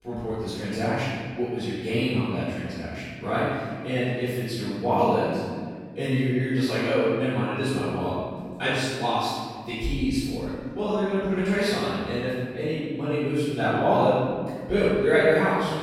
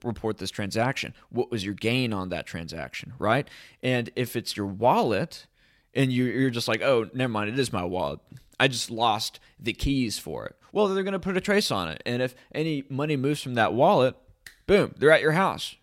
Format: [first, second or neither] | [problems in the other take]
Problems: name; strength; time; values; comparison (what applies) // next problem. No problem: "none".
second | off-mic speech; far // room echo; strong; dies away in 1.9 s